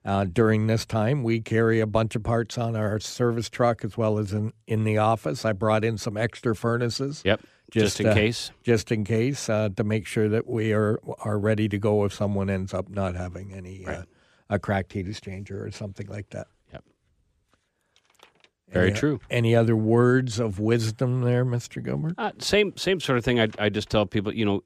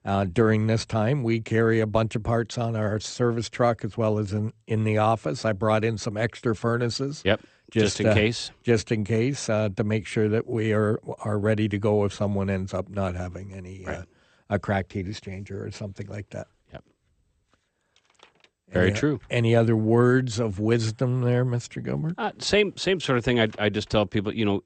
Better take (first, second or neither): first